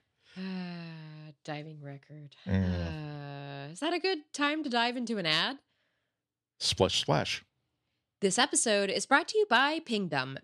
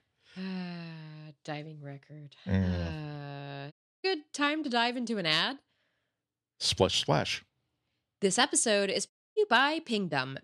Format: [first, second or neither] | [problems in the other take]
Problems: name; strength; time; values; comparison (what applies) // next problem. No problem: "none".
first | audio cutting out; at 3.5 s and at 9 s